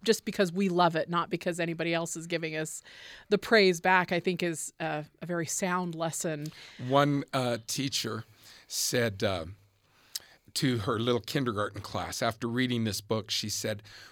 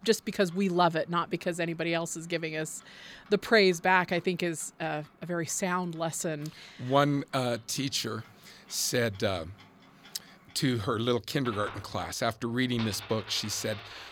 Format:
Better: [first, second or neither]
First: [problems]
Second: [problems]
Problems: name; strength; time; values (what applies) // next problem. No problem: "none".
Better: first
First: none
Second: household noises; faint; throughout; 20 dB below the speech